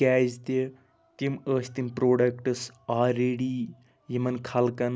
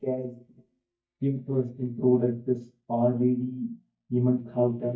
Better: first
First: none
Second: noise reduction (neural mask model DeepFilterNet 3)

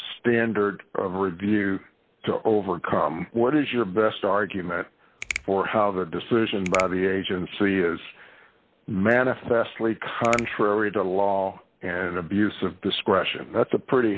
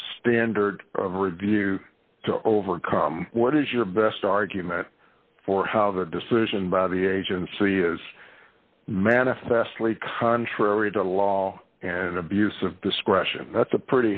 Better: second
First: background sound (Finger snapping); 13 dB below the speech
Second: none

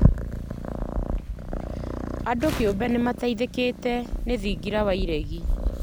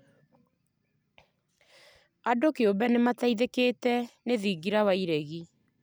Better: second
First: background sound (Purr); 1 dB above the speech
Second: none

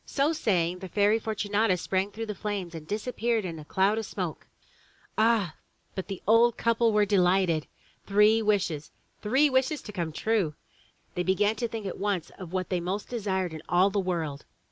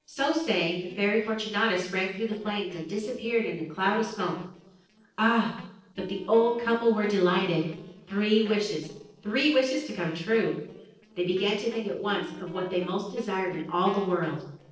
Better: first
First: none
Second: noise reduction (neural separator model SepFormer DNS4)

